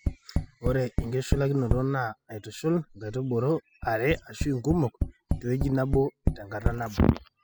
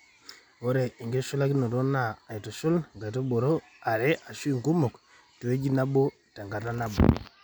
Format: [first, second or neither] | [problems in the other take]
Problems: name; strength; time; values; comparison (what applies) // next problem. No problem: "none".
second | noise reduction (classical method spectral subtraction)